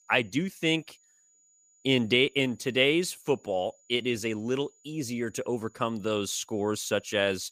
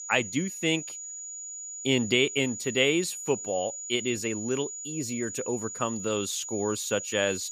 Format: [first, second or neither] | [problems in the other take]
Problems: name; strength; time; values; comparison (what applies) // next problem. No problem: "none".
first | high-pitched whine; loud; throughout; 7 kHz, 7 dB below the speech; faint in the first